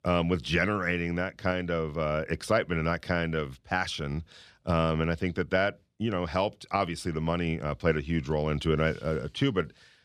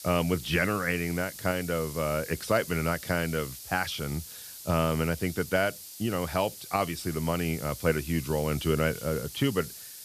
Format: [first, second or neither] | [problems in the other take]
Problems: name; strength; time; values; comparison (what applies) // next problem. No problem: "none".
first | hiss; noticeable; throughout; 10 dB below the speech